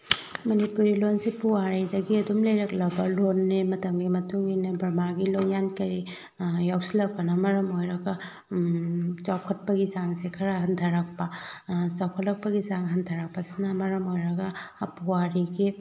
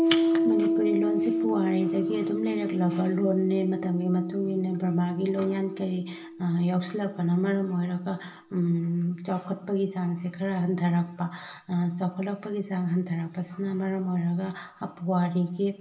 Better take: first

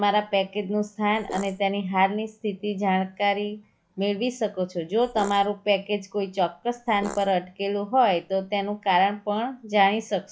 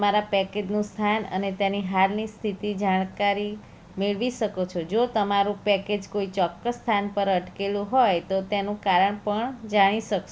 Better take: second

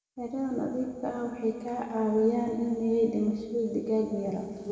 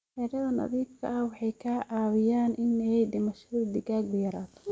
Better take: second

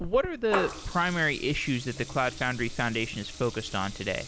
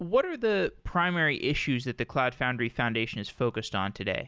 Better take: second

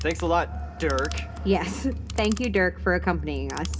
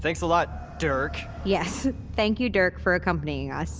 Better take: second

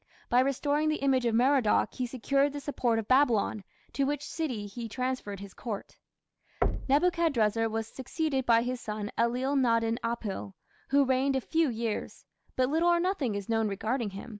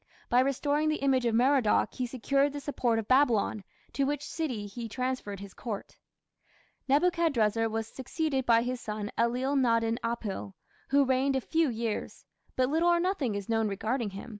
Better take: second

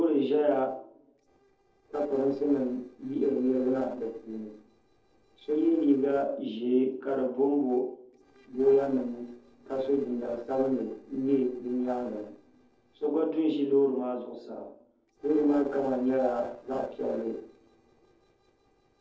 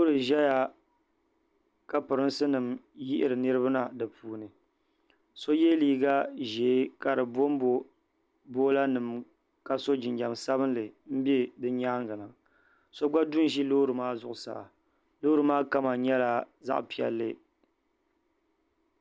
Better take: second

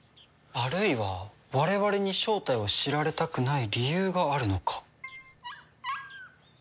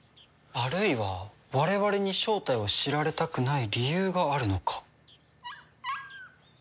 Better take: second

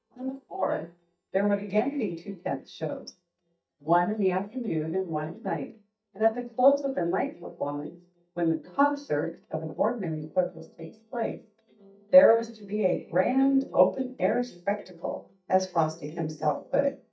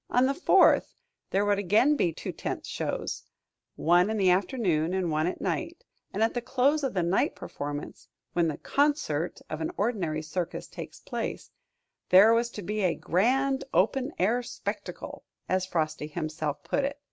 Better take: second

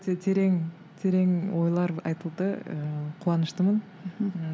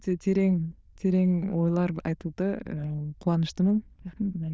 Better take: first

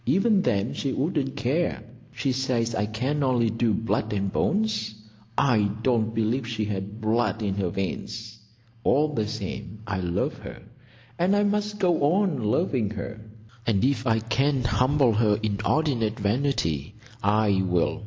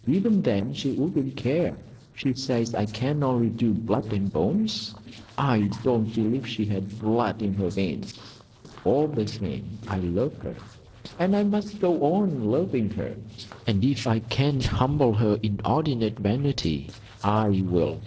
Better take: first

